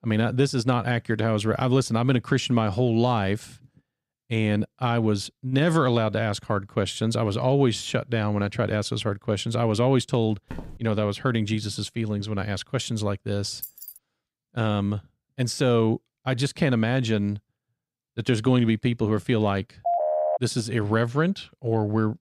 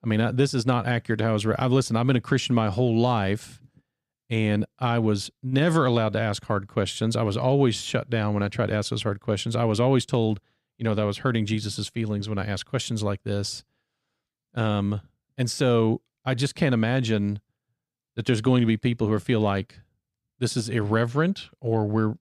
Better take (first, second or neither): second